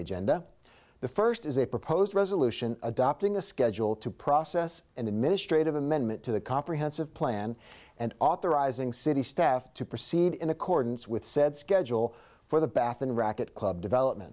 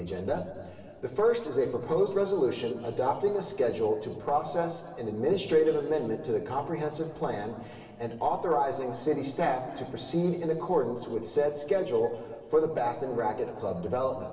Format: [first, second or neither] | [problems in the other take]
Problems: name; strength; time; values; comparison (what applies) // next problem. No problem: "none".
first | room echo; dies away in 2.4 s